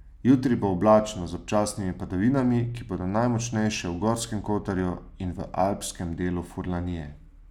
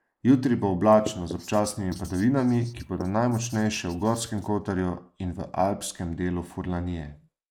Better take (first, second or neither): first